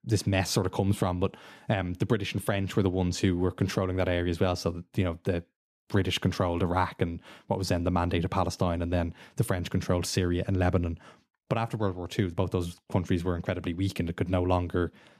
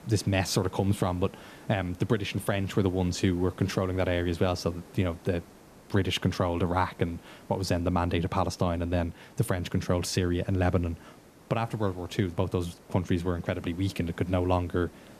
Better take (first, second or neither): first